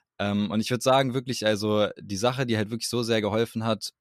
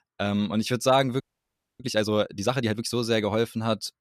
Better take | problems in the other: first | audio freezing; at 1 s for 0.5 s

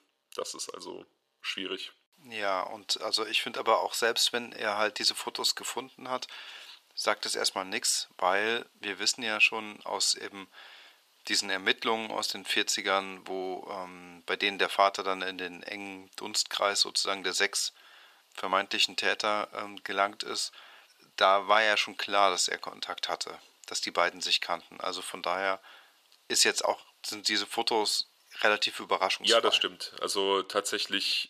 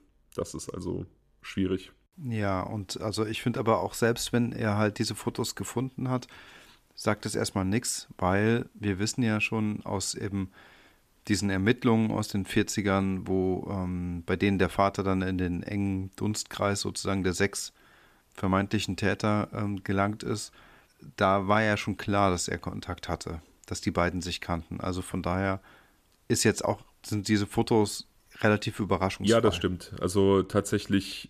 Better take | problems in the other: second | thin; very; fading below 650 Hz

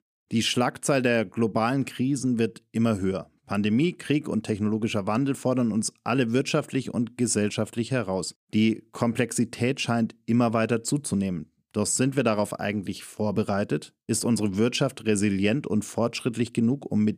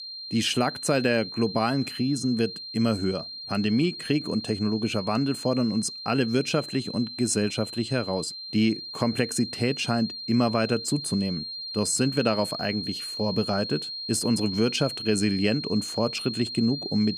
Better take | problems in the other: first | high-pitched whine; loud; throughout; 4 kHz, 8 dB below the speech

